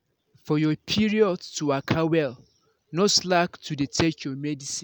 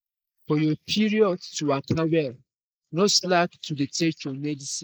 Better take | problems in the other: first | noise reduction (neural mask model Resemble Enhance denoiser)

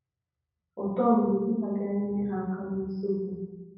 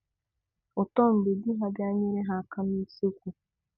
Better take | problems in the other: second | room echo; dies away in 1.1 s

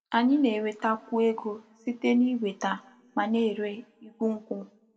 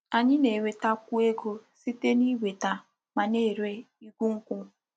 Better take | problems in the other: second | room echo; dies away in 1.9 s

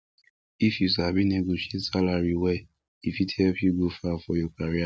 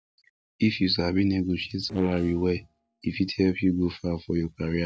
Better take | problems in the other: first | noise reduction (neural separator model SepFormer DNS4)

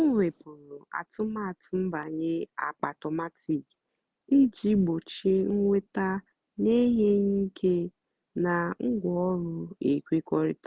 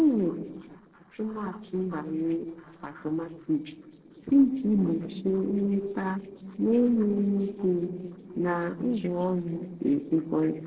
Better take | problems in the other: first | noise reduction (neural separator model SepFormer DNS4)

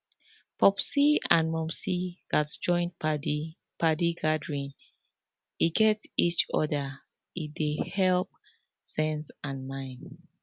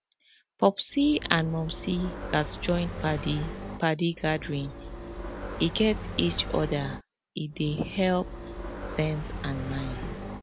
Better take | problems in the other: first | background sound (Motorcycle); 8 dB below the speech

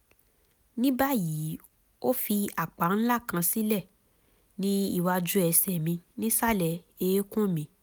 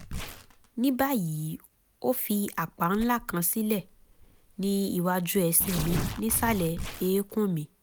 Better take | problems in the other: first | background sound (Tearing); 11 dB below the speech

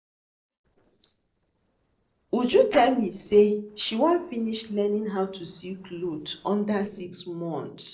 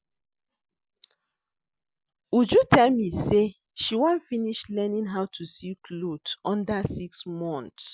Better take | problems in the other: second | noise reduction (neural separator model SepFormer DNS4)

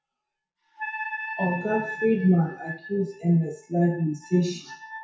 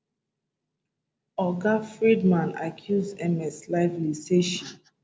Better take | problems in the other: second | noise reduction (classical method WPE with log-MMSE)

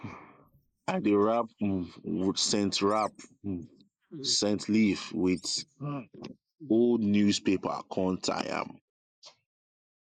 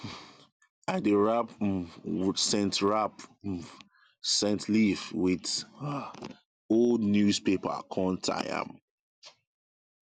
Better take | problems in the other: second | noise reduction (neural mask model Resemble Enhance denoiser)

